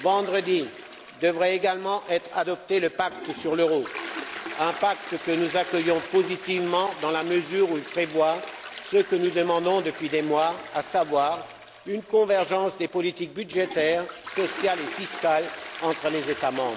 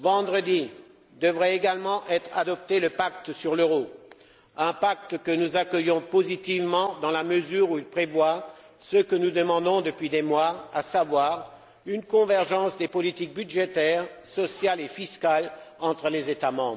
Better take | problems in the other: second | background sound (Toilet flush); 14 dB below the speech

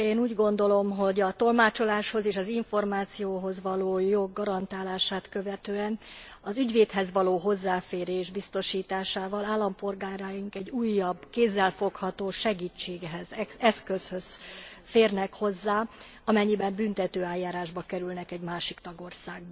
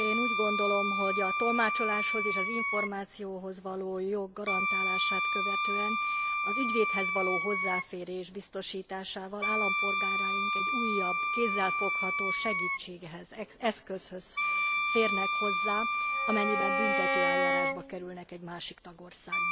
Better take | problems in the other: first | background sound (Bowed string instrument + Wind instrument, woodwind instrument); 4 dB above the speech

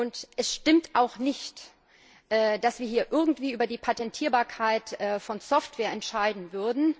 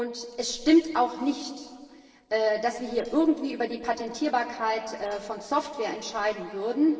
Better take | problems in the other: first | noise reduction (neural separator model SepFormer DNS4)

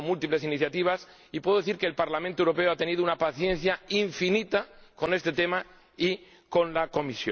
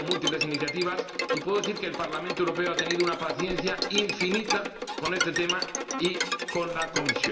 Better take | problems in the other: first | background sound (Bowed string instrument); 1 dB below the speech // room echo; dies away in 1.6 s

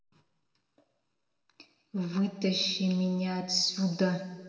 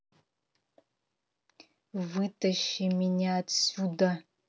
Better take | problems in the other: second | room echo; dies away in 1.6 s

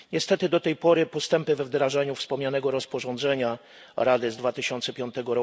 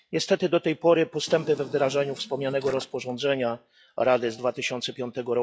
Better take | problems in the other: first | noise reduction (classical method log-MMSE)

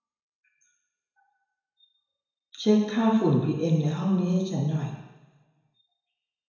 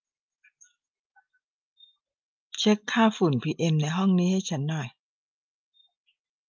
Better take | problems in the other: second | room echo; dies away in 1 s

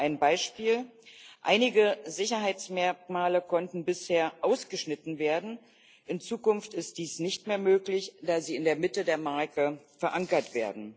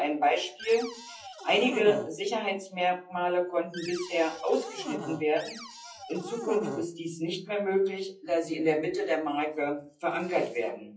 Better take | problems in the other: first | noise reduction (classical method WPE with log-MMSE)

